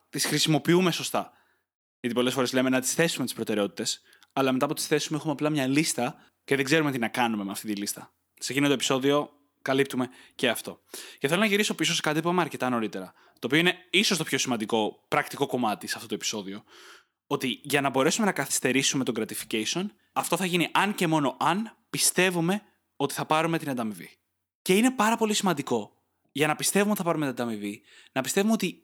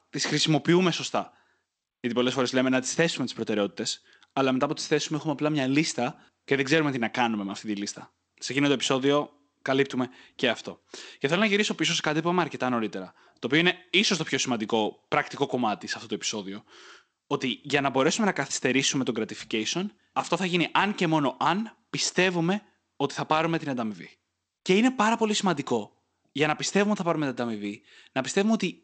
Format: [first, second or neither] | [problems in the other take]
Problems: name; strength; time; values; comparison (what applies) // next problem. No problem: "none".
first | garbled, watery; slightly; nothing above 8 kHz